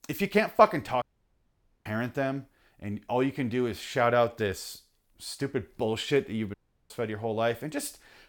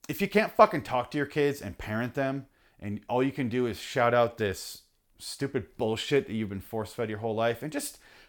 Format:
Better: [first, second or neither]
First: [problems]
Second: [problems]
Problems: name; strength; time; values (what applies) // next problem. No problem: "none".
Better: second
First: audio cutting out; at 1 s for 1 s and at 6.5 s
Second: none